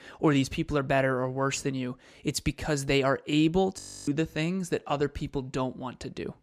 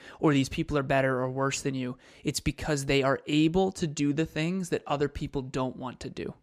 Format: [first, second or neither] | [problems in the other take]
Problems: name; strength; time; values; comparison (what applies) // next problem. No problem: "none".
second | audio freezing; at 4 s